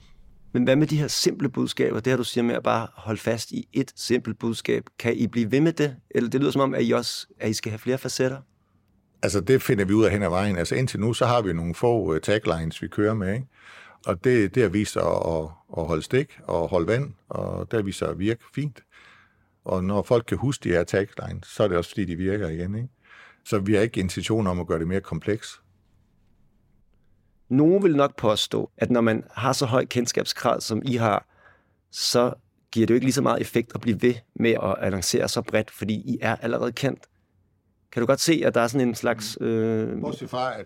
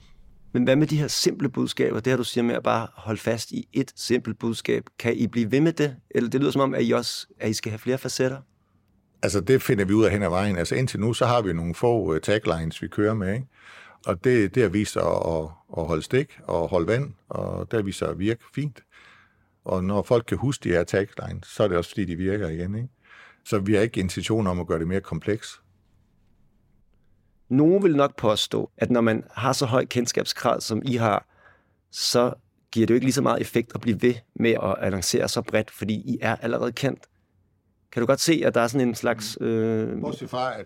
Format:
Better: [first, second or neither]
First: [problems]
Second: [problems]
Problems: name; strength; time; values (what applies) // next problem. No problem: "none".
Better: neither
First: none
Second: none